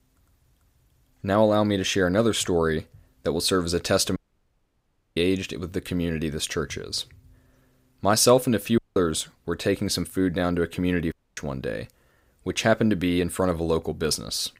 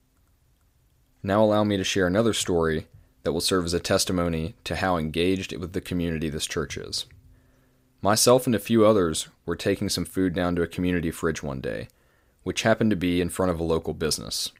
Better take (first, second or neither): second